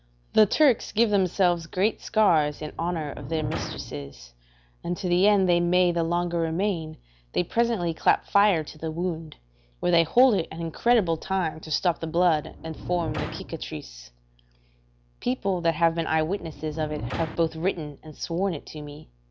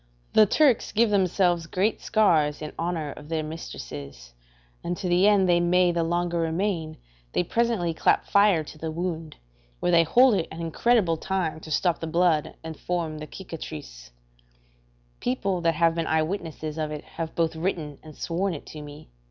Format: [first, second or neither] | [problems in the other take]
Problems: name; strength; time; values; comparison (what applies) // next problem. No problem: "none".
second | background sound (Sliding door); 11 dB below the speech